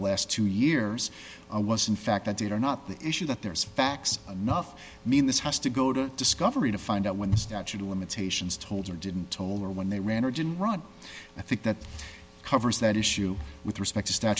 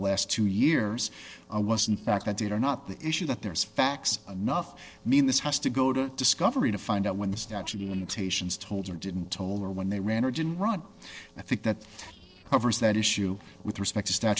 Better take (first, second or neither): first